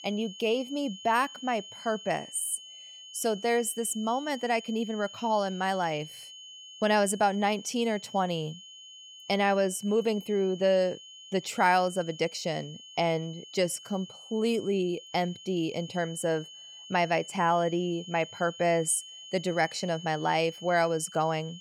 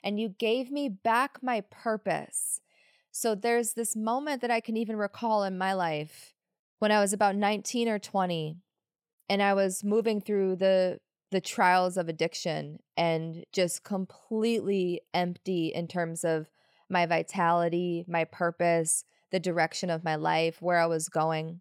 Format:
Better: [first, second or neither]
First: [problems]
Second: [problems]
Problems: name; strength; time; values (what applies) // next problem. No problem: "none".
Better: second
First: high-pitched whine; noticeable; throughout; 3 kHz, 15 dB below the speech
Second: none